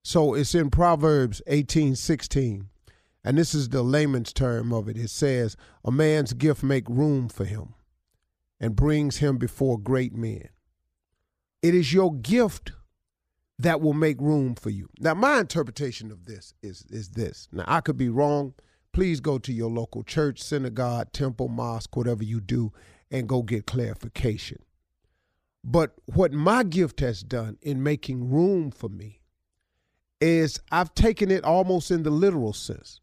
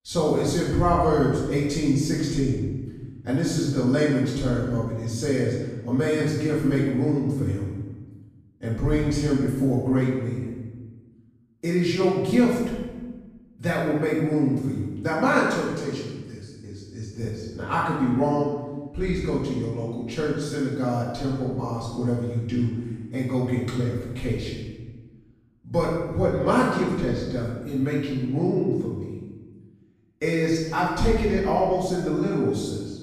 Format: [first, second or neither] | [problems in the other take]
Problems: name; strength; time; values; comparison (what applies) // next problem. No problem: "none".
first | room echo; strong; dies away in 1.1 s // off-mic speech; far